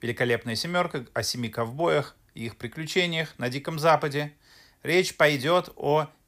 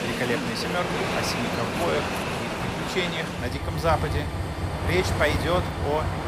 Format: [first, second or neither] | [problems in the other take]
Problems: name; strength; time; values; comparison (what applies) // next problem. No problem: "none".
first | train or aircraft noise; very loud; throughout; as loud as the speech